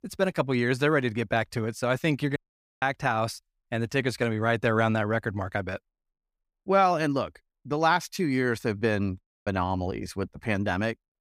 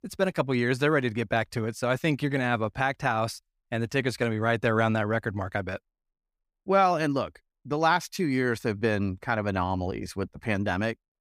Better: second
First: audio cutting out; at 2.5 s and at 9 s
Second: none

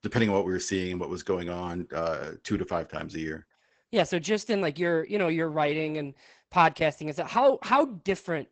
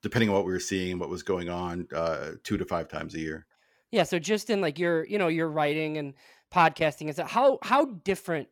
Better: second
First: garbled, watery; badly; nothing above 7.5 kHz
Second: none

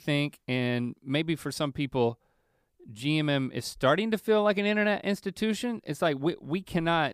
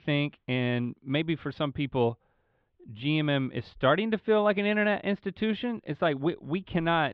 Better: first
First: none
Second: muffled; very; fading above 3.5 kHz

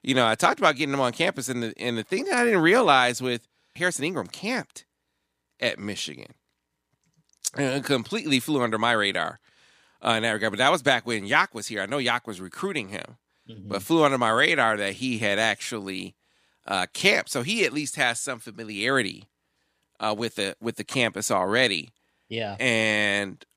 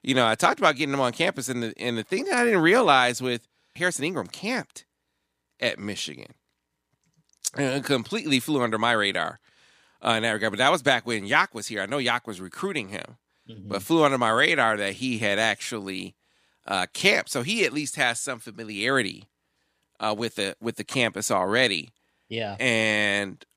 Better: neither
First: none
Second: none

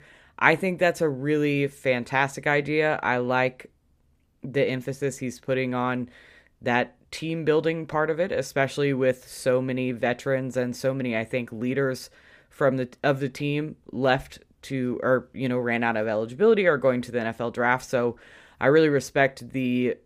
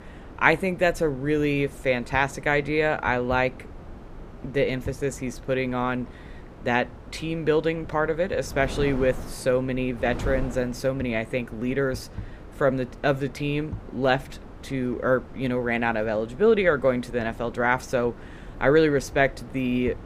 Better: first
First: none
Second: wind noise on the microphone; occasional gusts; 20 dB below the speech

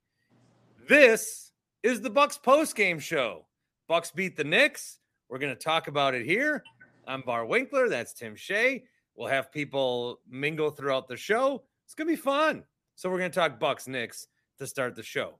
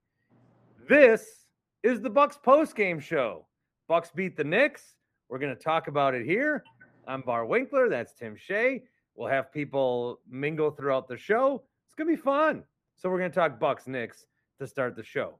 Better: first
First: none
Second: muffled; slightly; fading above 3 kHz

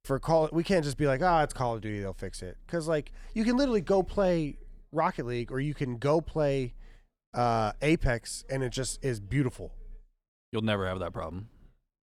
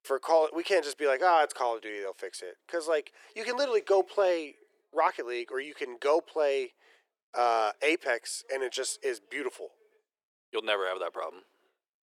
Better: first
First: none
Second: thin; very; fading below 400 Hz

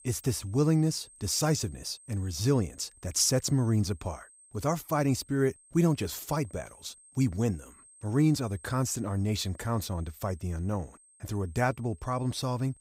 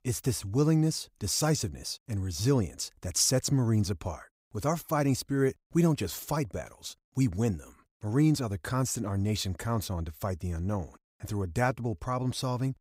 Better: second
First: high-pitched whine; faint; throughout; 8.5 kHz, 25 dB below the speech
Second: none

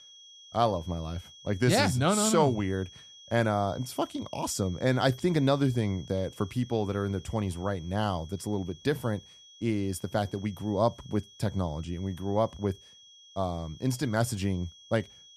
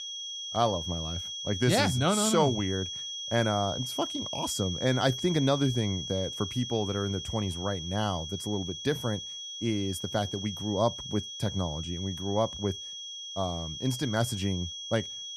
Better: first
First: high-pitched whine; faint; throughout; 3.5 kHz, 20 dB below the speech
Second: high-pitched whine; loud; throughout; 3.5 kHz, 6 dB below the speech

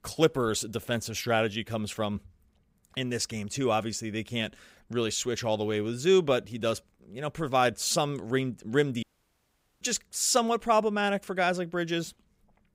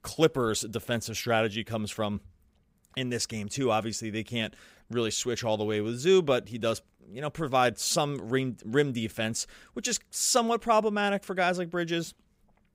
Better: second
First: audio cutting out; at 9 s for 1 s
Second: none

